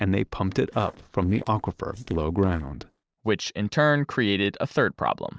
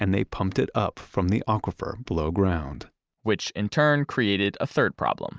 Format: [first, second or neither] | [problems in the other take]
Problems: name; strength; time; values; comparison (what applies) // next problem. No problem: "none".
second | noise reduction (neural separator model SepFormer DNS4)